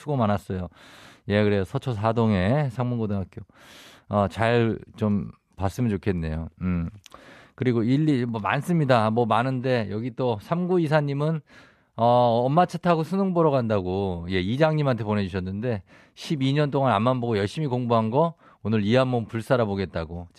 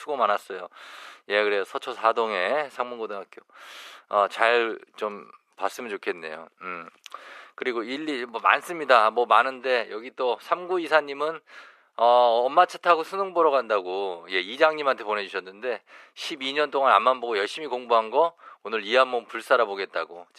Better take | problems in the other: first | thin; very; fading below 400 Hz

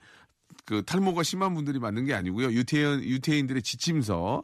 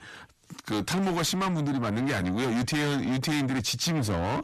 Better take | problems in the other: first | distortion; heavy; 6 dB below the speech

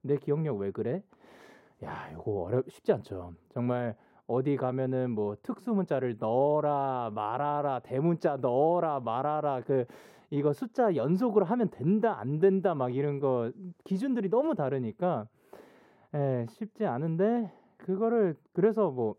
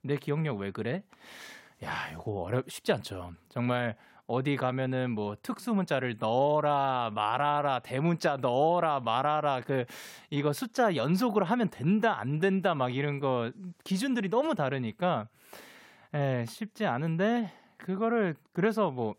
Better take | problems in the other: second | muffled; slightly; fading above 1.5 kHz

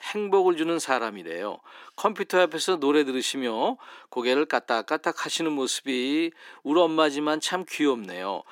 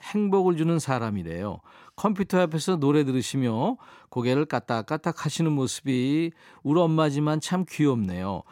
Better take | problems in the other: second | thin; somewhat; fading below 300 Hz

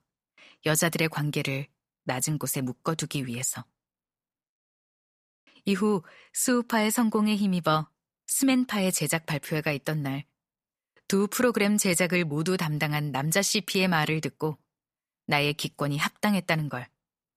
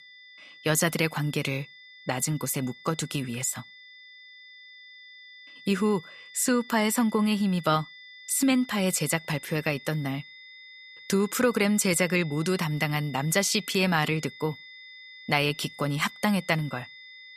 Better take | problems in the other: first | high-pitched whine; noticeable; throughout; 2 kHz, 20 dB below the speech

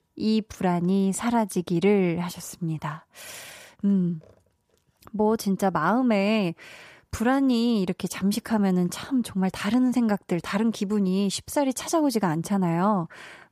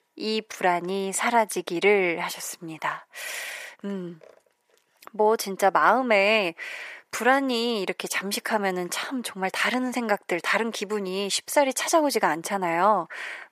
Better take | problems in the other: first | thin; somewhat; fading below 500 Hz

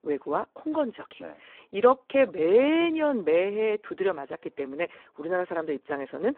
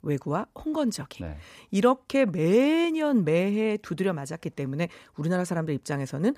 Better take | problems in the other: second | phone-call audio; poor line

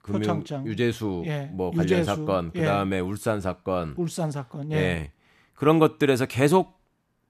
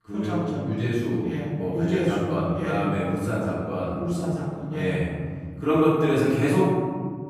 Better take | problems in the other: first | room echo; strong; dies away in 2.1 s // off-mic speech; far

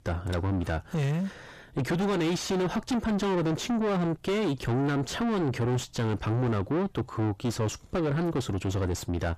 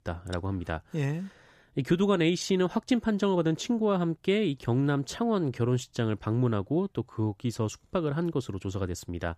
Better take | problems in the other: second | distortion; heavy; 4 dB below the speech

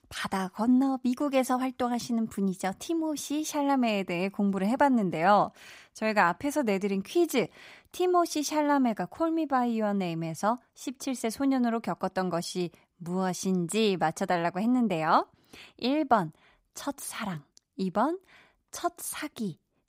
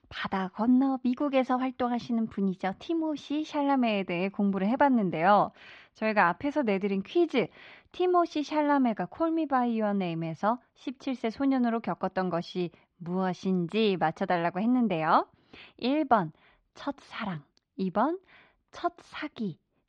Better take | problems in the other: first | muffled; slightly; fading above 4 kHz

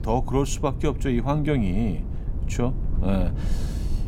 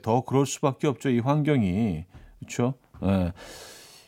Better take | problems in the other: second | low rumble; noticeable; throughout; 15 dB below the speech

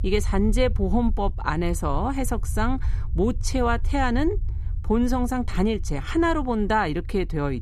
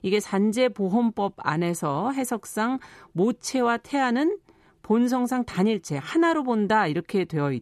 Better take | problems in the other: second | low rumble; faint; throughout; 25 dB below the speech

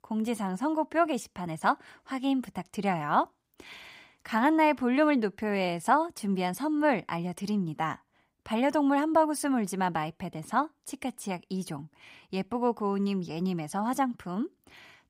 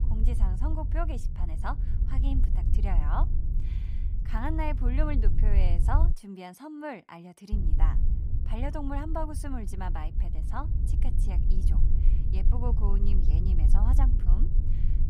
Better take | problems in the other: first | low rumble; loud; until 6 s and from 7.5 s on; 8 dB below the speech

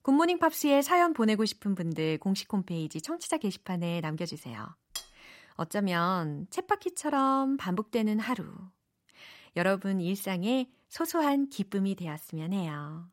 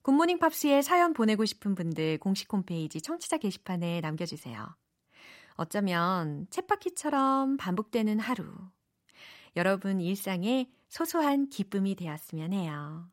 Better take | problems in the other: second | clattering dishes; faint; at 5 s; peak 10 dB below the speech

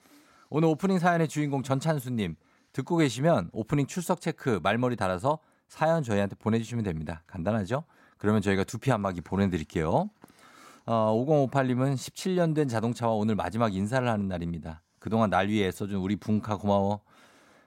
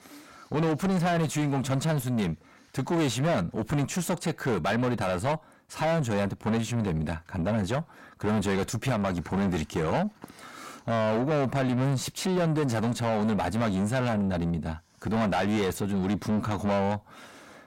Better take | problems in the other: first | distortion; heavy; 6 dB below the speech

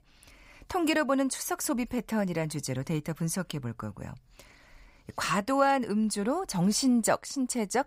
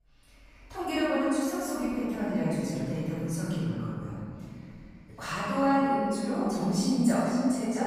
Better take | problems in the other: first | room echo; strong; dies away in 2.5 s // off-mic speech; far

